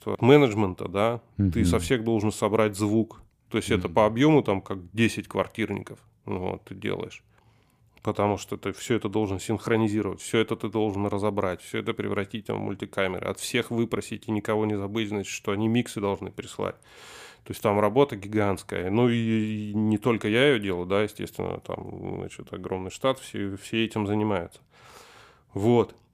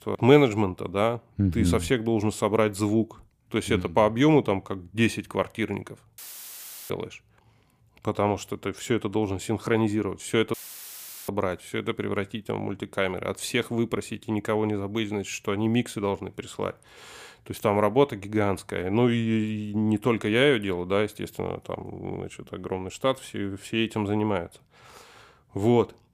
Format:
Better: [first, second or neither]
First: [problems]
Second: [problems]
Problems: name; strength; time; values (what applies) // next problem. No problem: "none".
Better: first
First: none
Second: audio cutting out; filled with static; at 6 s for 0.5 s and at 11 s for 0.5 s